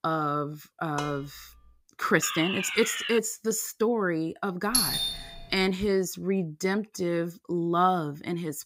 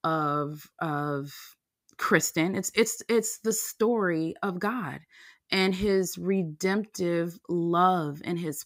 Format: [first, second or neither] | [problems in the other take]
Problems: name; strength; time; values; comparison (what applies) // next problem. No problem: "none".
second | clattering dishes; faint; at 1 s; peak 10 dB below the speech // alarm; noticeable; at 2 s; peak 2 dB below the speech // doorbell; loud; at 4.5 s; peak 5 dB above the speech